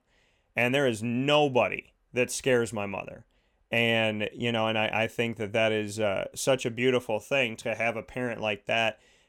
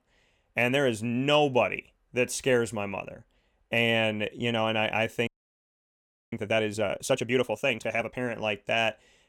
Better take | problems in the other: first | audio freezing; at 5.5 s for 1 s

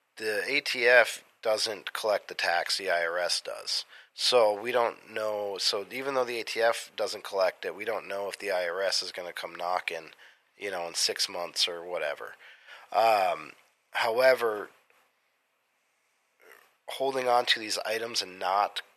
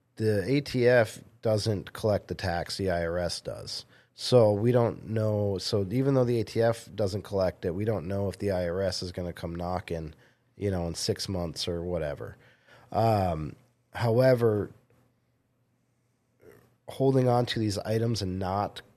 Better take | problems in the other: second | thin; very; fading below 850 Hz

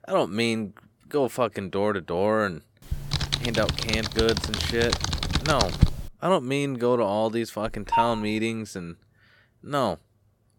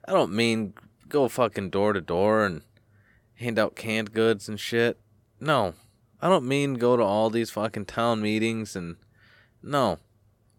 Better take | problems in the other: second | keyboard typing; loud; from 3 to 6 s; peak 3 dB above the speech // phone ringing; loud; at 7.5 s; peak 1 dB above the speech

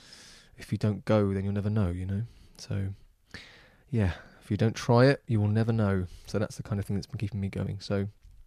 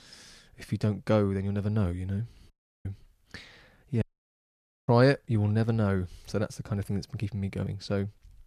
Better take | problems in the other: first | audio cutting out; at 2.5 s and at 4 s for 1 s

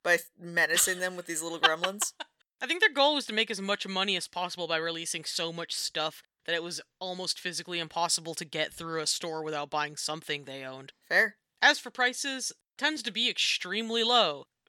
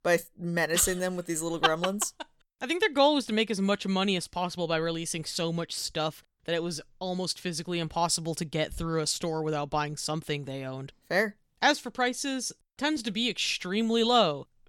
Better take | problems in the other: second | thin; somewhat; fading below 1 kHz

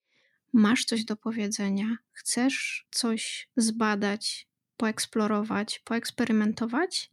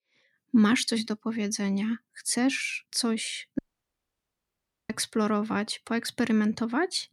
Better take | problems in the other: first | audio cutting out; at 3.5 s for 1.5 s

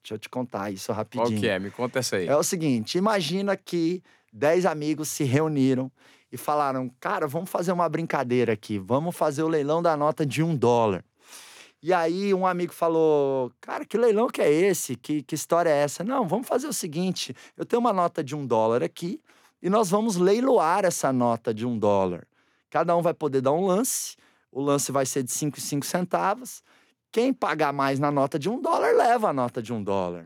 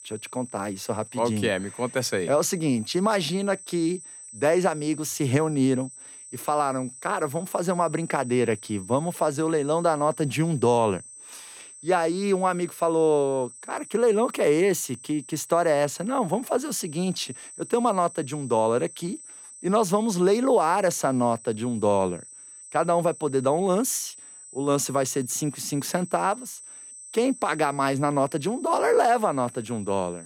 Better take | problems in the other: first | high-pitched whine; noticeable; throughout; 8.5 kHz, 15 dB below the speech

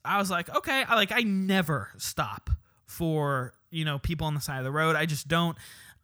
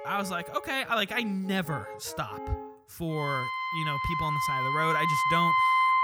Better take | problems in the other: first | background music; very loud; throughout; 5 dB above the speech

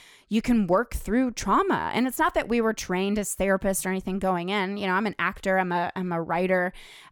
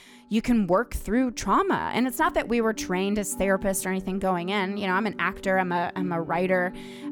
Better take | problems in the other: first | background music; noticeable; throughout; 15 dB below the speech

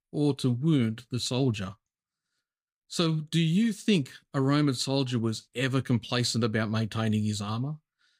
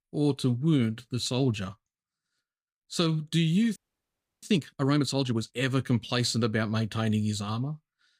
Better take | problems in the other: first | audio freezing; at 4 s for 0.5 s

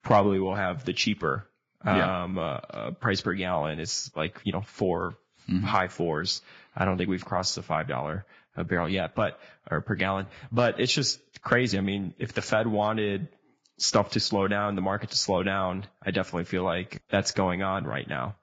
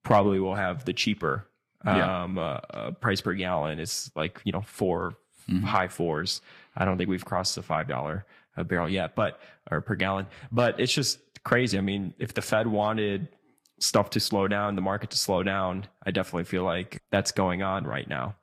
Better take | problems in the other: second | garbled, watery; badly; nothing above 7.5 kHz; slightly in the second

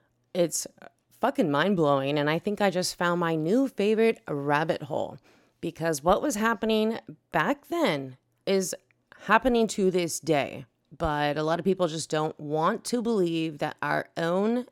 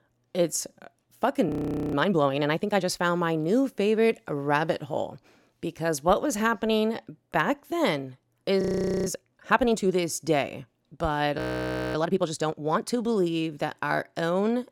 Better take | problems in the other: first | audio freezing; at 1.5 s, at 8.5 s and at 11 s for 0.5 s

